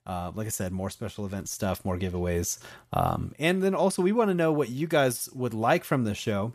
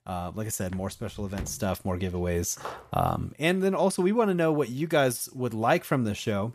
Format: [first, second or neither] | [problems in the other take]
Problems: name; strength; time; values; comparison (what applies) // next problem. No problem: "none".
first | footsteps; faint; at 0.5 s and at 2.5 s; peak 15 dB below the speech